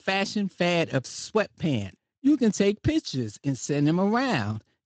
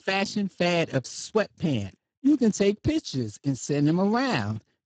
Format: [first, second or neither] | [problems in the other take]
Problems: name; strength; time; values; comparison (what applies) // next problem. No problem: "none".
first | garbled, watery; badly; nothing above 7.5 kHz; slightly in the first